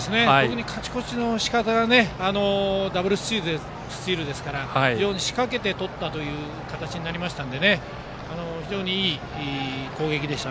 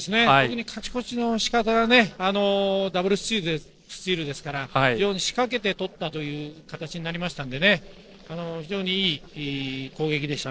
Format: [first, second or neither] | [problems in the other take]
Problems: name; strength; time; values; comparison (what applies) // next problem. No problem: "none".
first | noise reduction (neural separator model SepFormer DNS4)